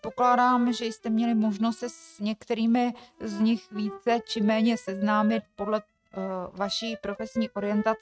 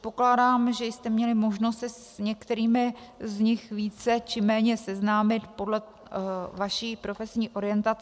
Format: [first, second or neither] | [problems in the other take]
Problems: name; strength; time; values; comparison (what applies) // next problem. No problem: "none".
second | noise reduction (neural mask model RNNoise)